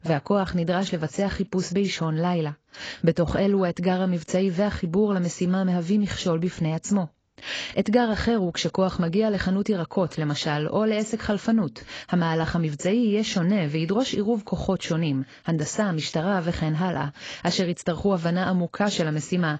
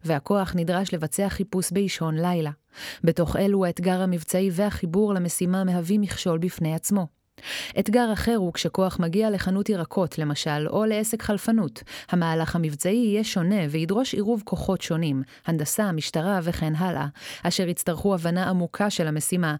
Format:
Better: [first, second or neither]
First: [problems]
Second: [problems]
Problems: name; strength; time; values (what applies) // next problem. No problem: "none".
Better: second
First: garbled, watery; badly; nothing above 7.5 kHz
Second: none